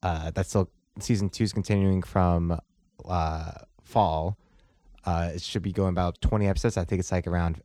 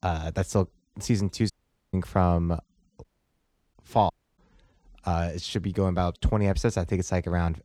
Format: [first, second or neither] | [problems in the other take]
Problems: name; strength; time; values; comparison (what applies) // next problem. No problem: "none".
first | audio cutting out; at 1.5 s, at 3 s for 0.5 s and at 4 s